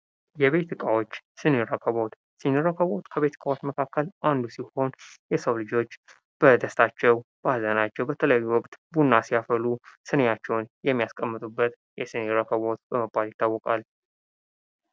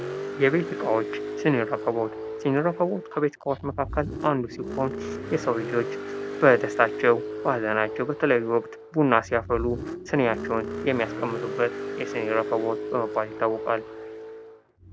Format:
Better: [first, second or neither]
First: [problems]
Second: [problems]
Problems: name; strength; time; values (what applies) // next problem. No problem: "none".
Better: first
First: none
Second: background sound (Car); 8 dB below the speech